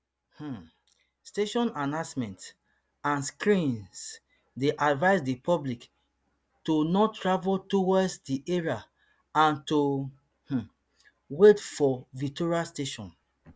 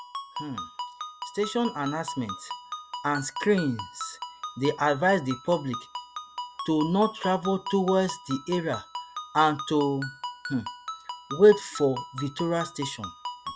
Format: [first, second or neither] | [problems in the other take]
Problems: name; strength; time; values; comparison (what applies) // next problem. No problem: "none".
first | background sound (Ringtone); 11 dB below the speech